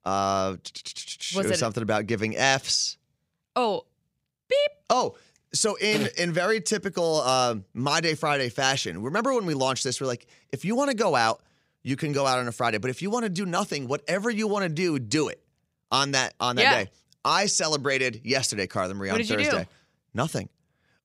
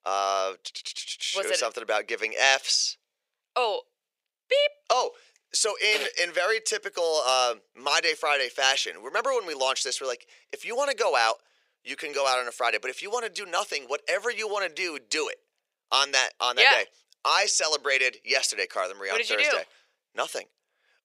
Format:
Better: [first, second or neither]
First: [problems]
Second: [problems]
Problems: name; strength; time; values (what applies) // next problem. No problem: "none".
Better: first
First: none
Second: thin; very; fading below 450 Hz